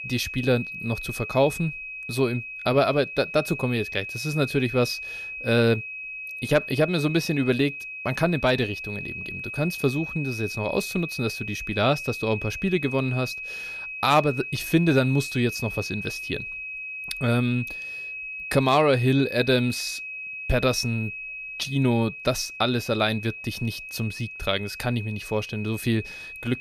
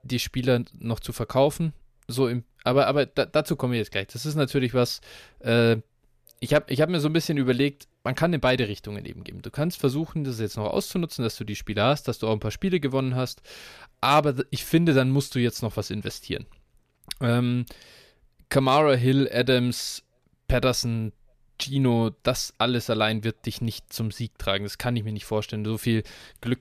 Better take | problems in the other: second | high-pitched whine; loud; throughout; 2.5 kHz, 8 dB below the speech

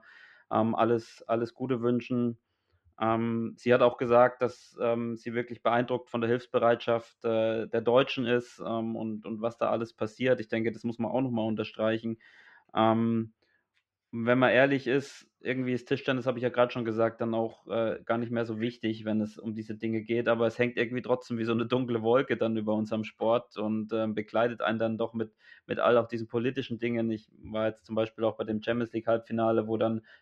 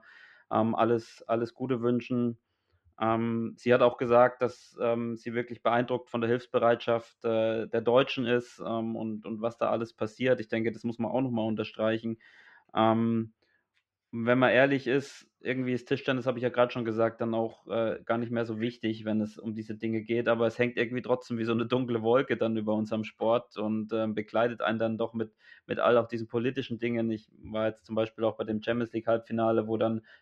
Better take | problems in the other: neither | muffled; slightly; fading above 2.5 kHz; the same in both

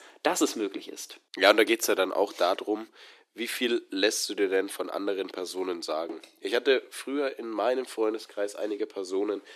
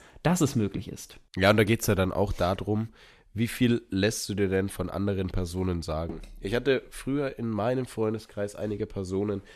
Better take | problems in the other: second | thin; somewhat; fading below 300 Hz

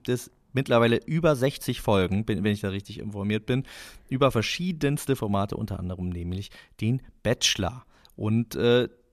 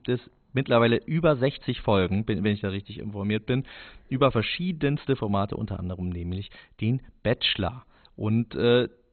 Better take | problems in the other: first | garbled, watery; badly; nothing above 4 kHz

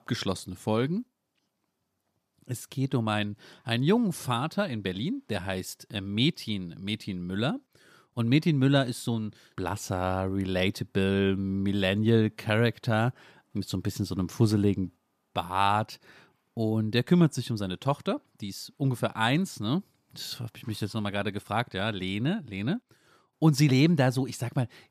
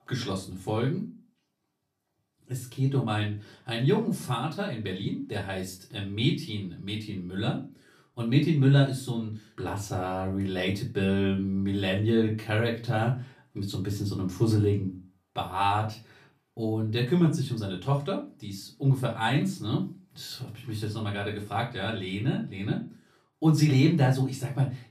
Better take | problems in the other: first | off-mic speech; far // room echo; very slight; dies away in 0.3 s

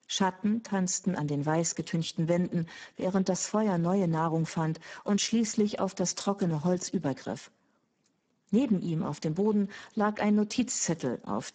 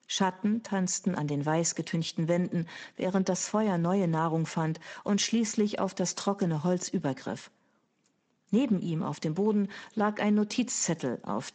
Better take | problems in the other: second | garbled, watery; badly; nothing above 7.5 kHz; slightly in the second

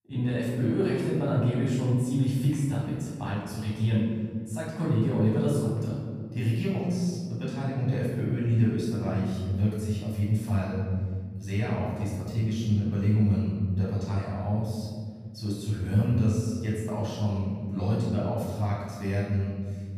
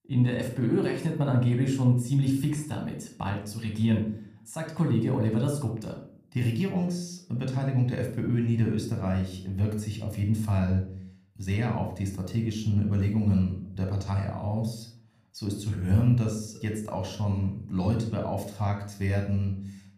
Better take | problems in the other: second | room echo; strong; dies away in 1.9 s; slight in the second // off-mic speech; far

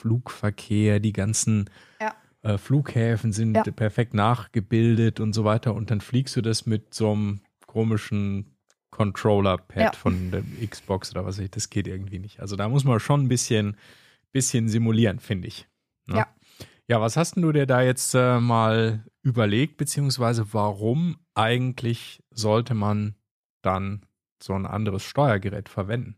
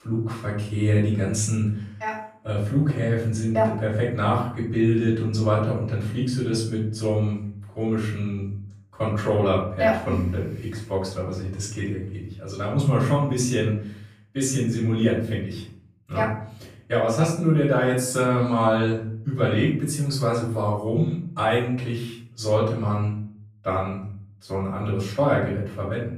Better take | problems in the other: first | off-mic speech; far // room echo; noticeable; dies away in 0.5 s

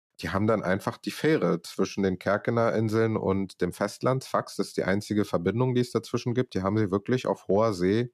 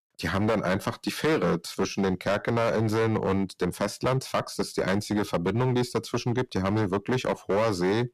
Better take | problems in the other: first | distortion; heavy; 14% of the sound clipped

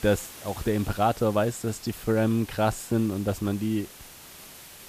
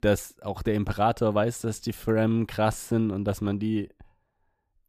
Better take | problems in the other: second | hiss; noticeable; throughout; 15 dB below the speech

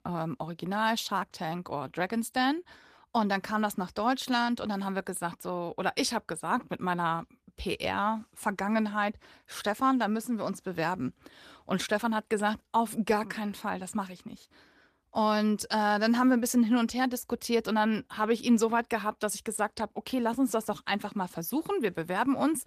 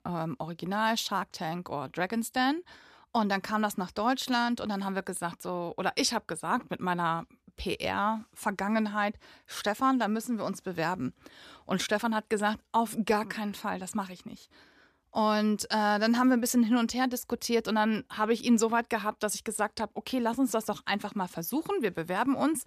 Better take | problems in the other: second | garbled, watery; slightly; nothing above 14.5 kHz

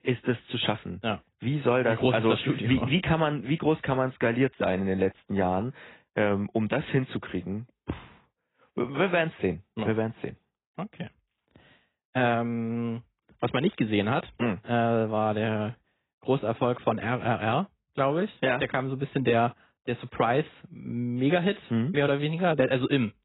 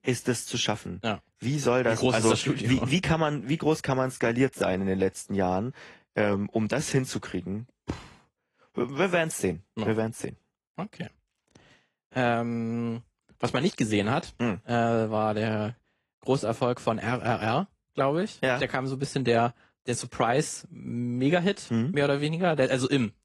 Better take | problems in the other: second | garbled, watery; badly; nothing above 4 kHz; slightly in the second

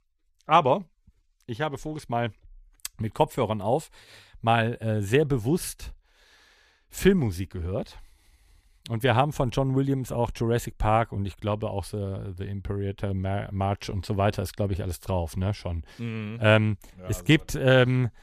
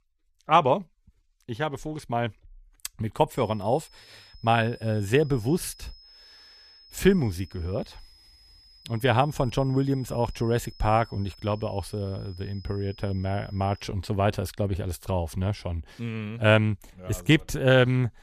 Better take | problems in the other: first | high-pitched whine; faint; from 3.5 to 14 s; 5 kHz, 25 dB below the speech

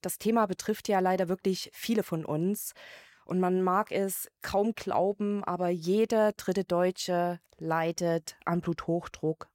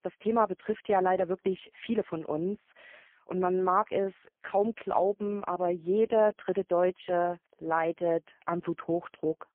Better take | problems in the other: first | phone-call audio; poor line; nothing above 3.5 kHz

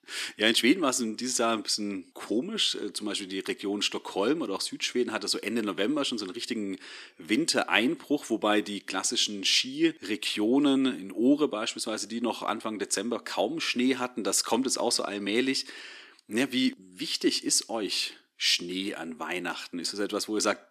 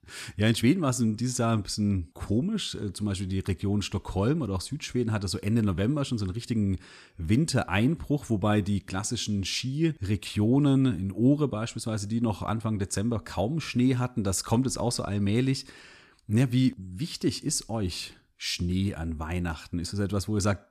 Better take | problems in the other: second | thin; somewhat; fading below 300 Hz

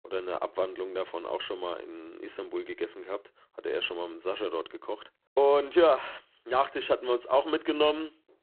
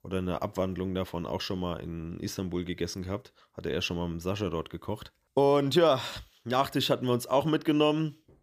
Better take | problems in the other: second | phone-call audio; poor line

